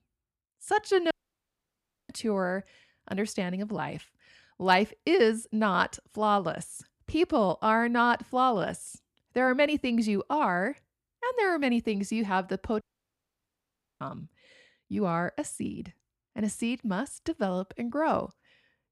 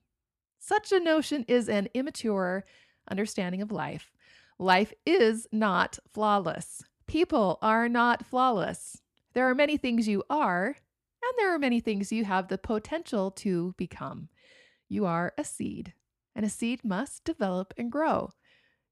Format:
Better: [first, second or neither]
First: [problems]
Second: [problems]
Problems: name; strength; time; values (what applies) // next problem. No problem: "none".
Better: second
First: audio cutting out; at 1 s for 1 s and at 13 s for 1 s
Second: none